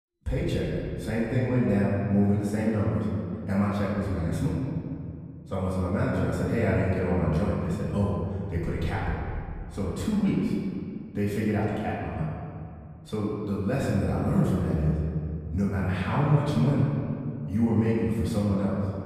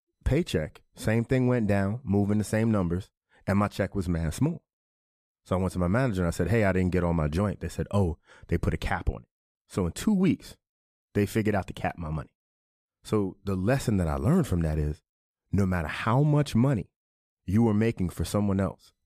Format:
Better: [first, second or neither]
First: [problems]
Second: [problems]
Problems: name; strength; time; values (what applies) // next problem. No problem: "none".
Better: second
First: off-mic speech; far // room echo; strong; dies away in 2.4 s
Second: none